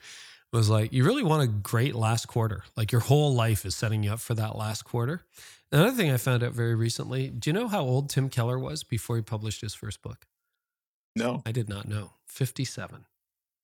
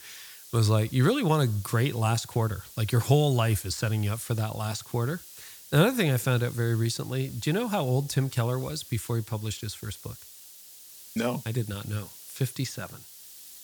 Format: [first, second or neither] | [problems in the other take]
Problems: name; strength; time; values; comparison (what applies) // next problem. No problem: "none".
first | hiss; noticeable; throughout; 15 dB below the speech